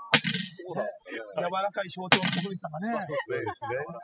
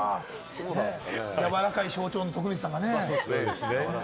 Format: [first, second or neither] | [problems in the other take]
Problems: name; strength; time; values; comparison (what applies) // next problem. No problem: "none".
second | noise reduction (classical method spectral subtraction)